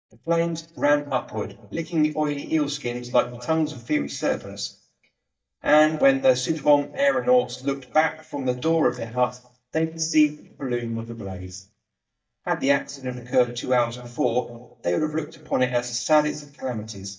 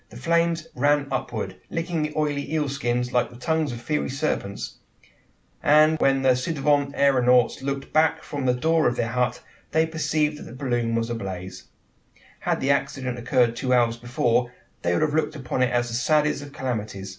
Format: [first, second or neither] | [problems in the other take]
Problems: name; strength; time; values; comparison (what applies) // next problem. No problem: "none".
second | noise reduction (neural mask model DeepFilterNet 3)